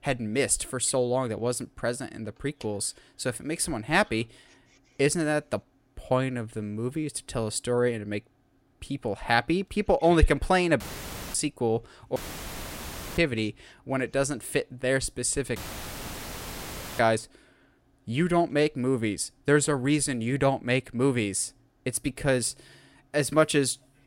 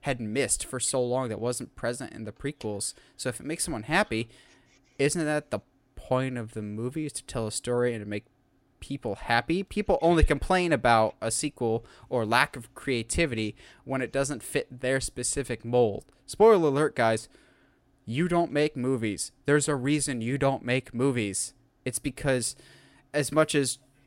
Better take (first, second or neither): second